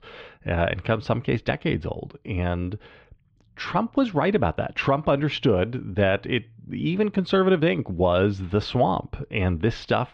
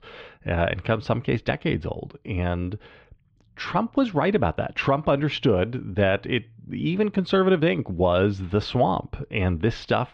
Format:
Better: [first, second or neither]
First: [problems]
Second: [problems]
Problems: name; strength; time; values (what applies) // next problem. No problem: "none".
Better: neither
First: muffled; slightly; fading above 3.5 kHz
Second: muffled; slightly; fading above 3.5 kHz